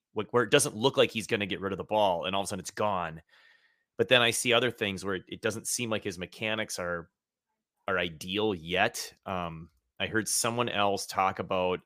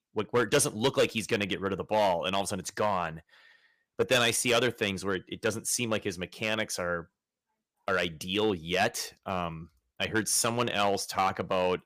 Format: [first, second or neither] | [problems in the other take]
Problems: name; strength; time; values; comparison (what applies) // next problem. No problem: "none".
first | distortion; slight; 3% of the sound clipped